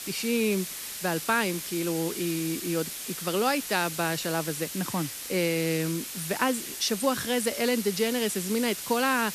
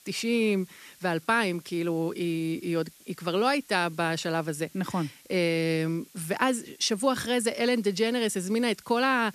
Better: second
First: hiss; loud; throughout; 6 dB below the speech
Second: hiss; faint; throughout; 25 dB below the speech

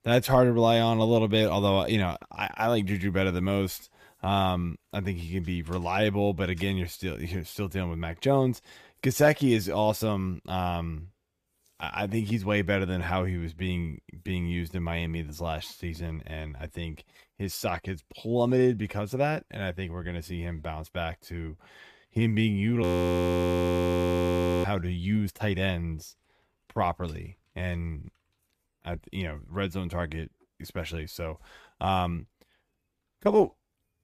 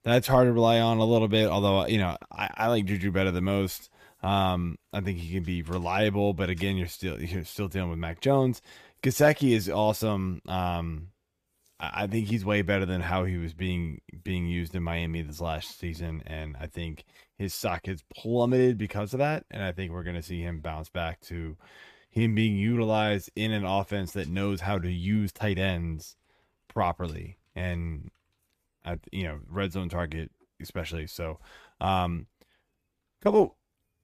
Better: second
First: audio freezing; at 23 s for 2 s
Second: none

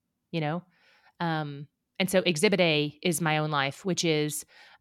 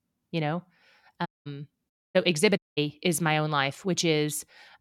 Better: first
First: none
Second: audio cutting out; at 1.5 s, at 2 s and at 2.5 s

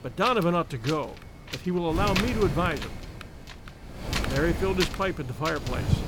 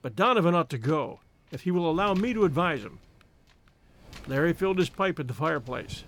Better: second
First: wind noise on the microphone; heavy; 6 dB below the speech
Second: wind noise on the microphone; occasional gusts; 25 dB below the speech

